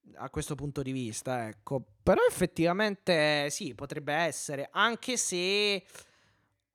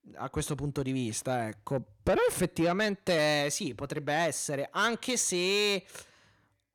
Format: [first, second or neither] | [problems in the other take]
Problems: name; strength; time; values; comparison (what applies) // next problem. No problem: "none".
first | distortion; slight; 10 dB below the speech